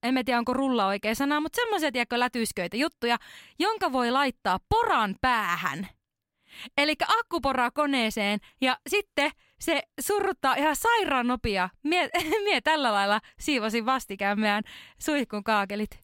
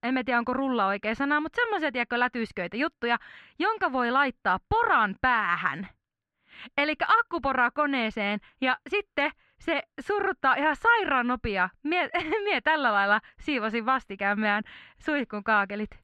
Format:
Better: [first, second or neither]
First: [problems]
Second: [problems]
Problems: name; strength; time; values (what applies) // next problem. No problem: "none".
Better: first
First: none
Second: muffled; slightly; fading above 2.5 kHz